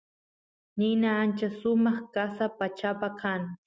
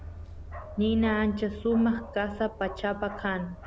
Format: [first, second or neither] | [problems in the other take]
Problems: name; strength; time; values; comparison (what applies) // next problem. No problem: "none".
first | background sound (Bark); 12 dB below the speech